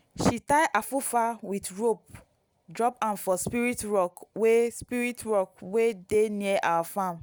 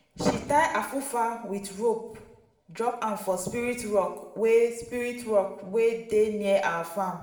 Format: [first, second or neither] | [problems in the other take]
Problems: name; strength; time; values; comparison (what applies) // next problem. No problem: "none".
first | room echo; dies away in 0.8 s